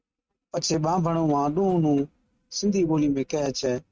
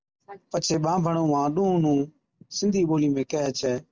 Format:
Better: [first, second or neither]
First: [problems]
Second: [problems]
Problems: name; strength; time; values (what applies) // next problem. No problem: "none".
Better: second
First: noise reduction (neural mask model RNNoise)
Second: none